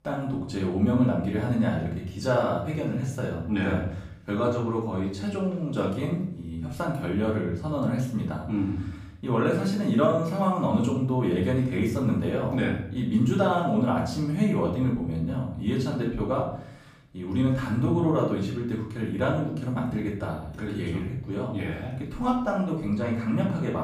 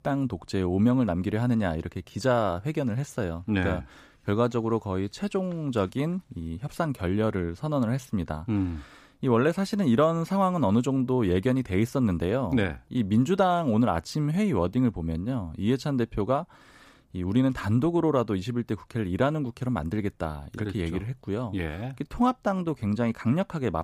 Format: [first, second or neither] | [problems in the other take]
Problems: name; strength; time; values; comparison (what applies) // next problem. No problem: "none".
second | off-mic speech; far // room echo; noticeable; dies away in 0.6 s